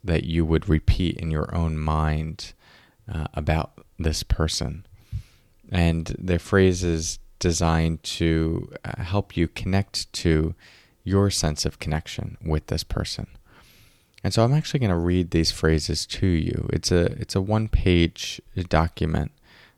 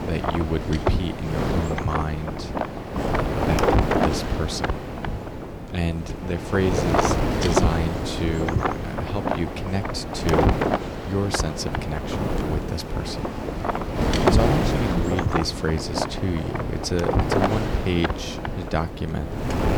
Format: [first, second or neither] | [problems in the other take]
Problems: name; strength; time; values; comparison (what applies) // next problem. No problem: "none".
first | wind noise on the microphone; heavy; 5 dB above the speech